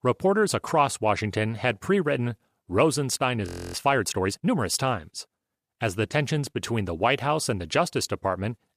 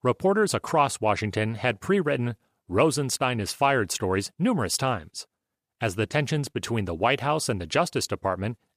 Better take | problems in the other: second | audio freezing; at 3.5 s

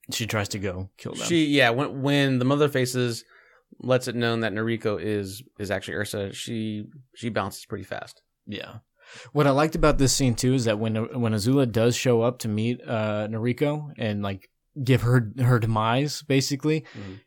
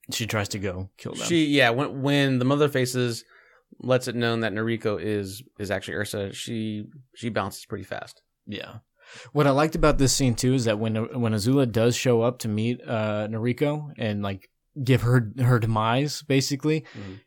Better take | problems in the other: neither | none

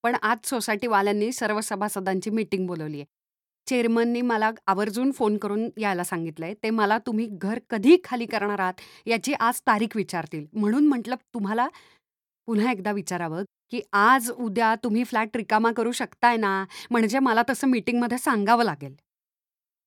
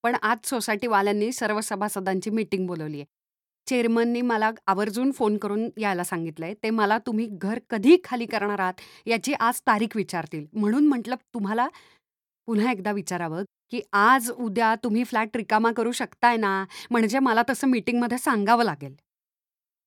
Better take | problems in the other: neither | none

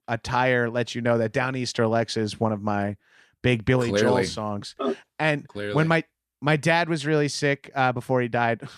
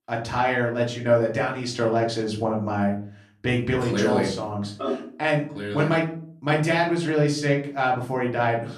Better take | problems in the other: first | off-mic speech; far // room echo; slight; dies away in 0.4 s

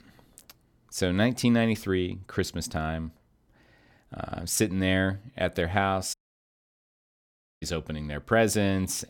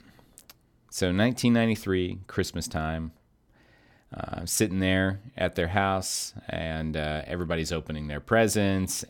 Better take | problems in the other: second | audio cutting out; at 6 s for 1.5 s

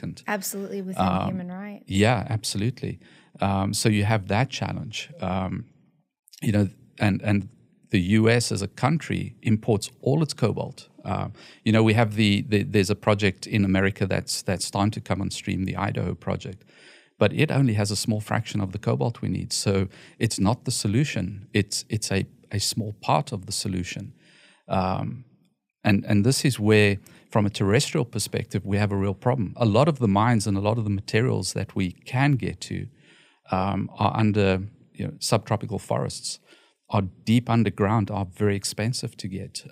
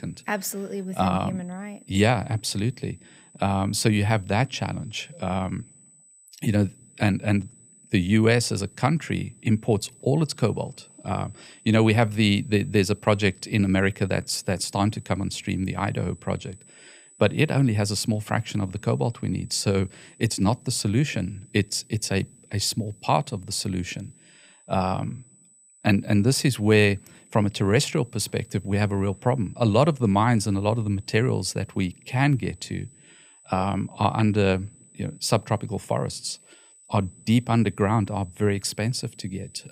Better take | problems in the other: first | high-pitched whine; faint; throughout; 8 kHz, 25 dB below the speech

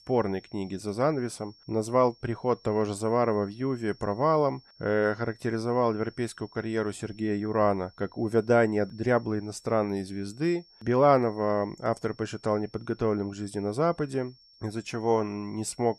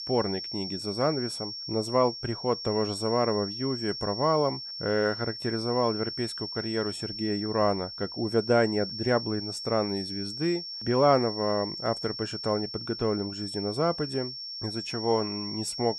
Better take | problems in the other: first | high-pitched whine; loud; throughout; 5.5 kHz, 6 dB below the speech; faint in the first

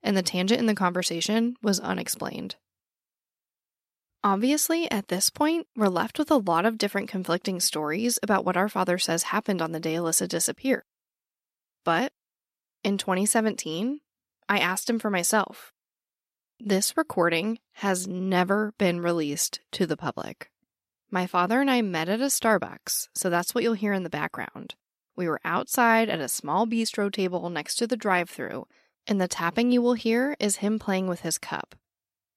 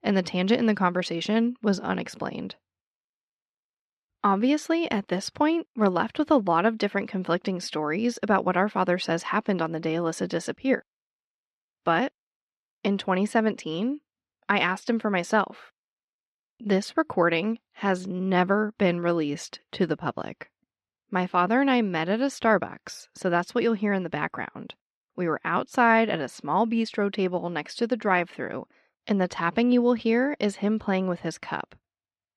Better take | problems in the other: first | muffled; slightly; fading above 3 kHz

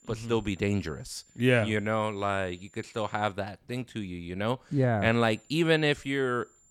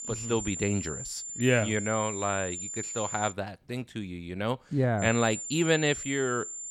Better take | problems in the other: first | high-pitched whine; loud; until 3.5 s and from 5 s on; 7.5 kHz, 6 dB below the speech; faint in the first

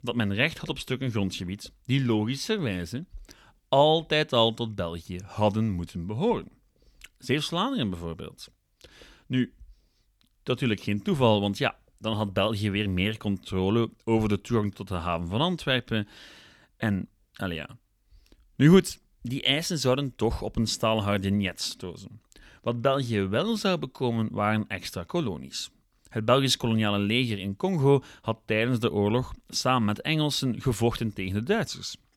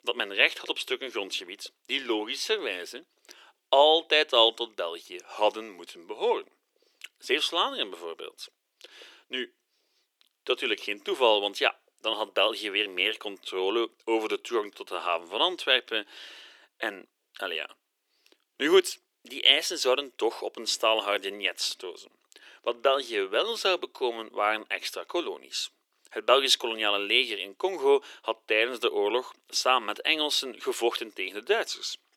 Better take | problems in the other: first | thin; very; fading below 350 Hz

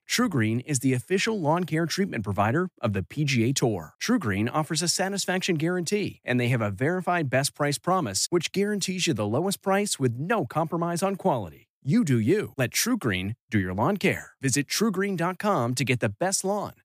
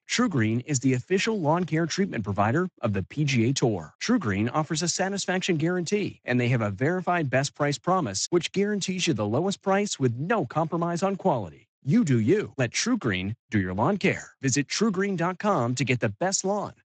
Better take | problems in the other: first | garbled, watery; slightly; nothing above 7.5 kHz

